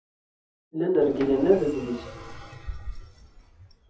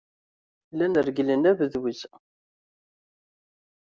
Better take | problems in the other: second | noise reduction (classical method WPE with log-MMSE)

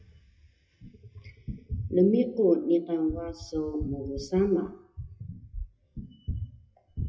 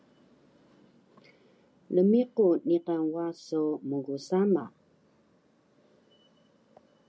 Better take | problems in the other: second | noise reduction (classical method WPE with log-MMSE)

